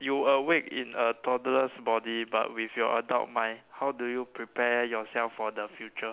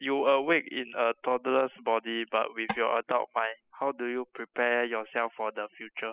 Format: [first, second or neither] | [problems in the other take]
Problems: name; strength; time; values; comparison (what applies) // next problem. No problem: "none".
first | noise reduction (classical method spectral subtraction)